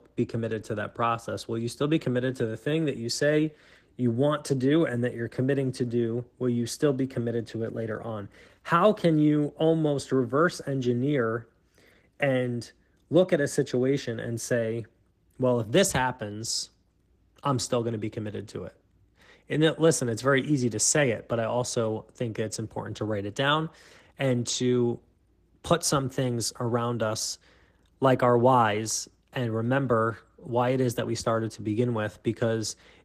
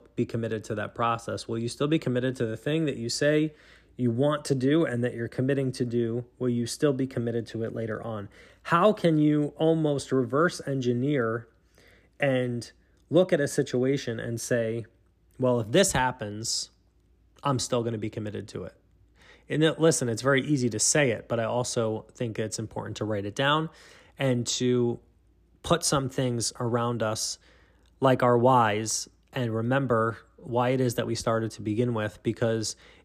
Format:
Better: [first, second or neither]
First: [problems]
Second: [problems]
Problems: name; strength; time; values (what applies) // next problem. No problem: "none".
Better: second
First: garbled, watery; slightly; nothing above 14.5 kHz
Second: none